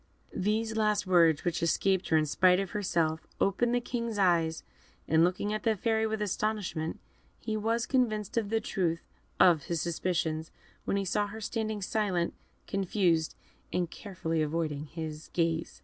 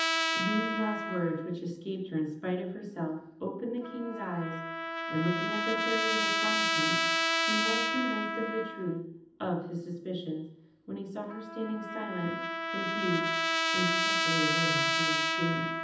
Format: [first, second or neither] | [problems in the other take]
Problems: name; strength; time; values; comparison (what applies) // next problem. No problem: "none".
first | background sound (Trumpet); 3 dB above the speech // room echo; dies away in 0.8 s